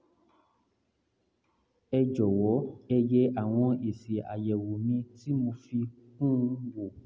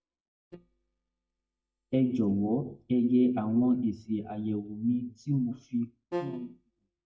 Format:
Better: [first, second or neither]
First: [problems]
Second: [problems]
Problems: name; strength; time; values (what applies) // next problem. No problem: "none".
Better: first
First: none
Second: noise reduction (neural mask model DeepFilterNet 3)